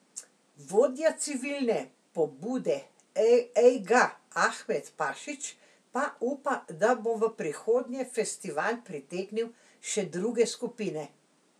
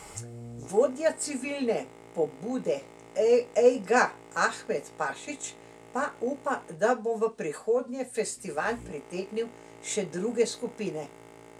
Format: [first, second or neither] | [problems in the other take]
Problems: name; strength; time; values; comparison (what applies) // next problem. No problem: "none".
first | background sound (Boat, Water vehicle); 20 dB below the speech